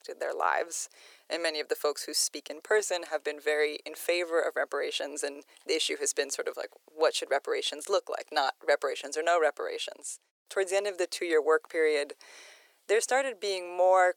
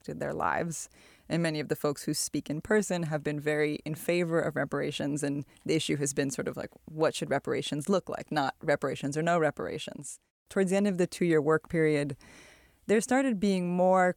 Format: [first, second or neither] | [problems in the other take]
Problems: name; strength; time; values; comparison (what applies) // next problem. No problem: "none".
second | thin; very; fading below 400 Hz